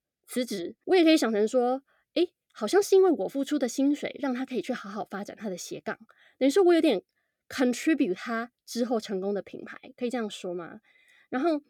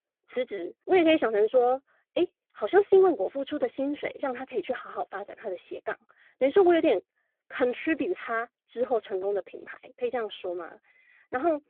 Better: first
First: none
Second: phone-call audio; poor line

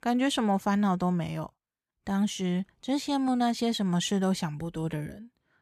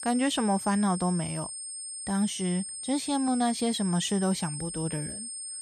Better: first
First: none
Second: high-pitched whine; loud; throughout; 8.5 kHz, 7 dB below the speech

